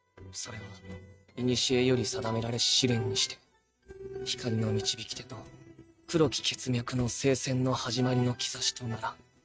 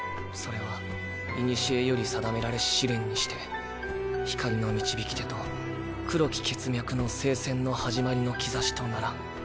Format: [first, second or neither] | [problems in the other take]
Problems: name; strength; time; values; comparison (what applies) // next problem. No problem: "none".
second | noise reduction (neural mask model RNNoise)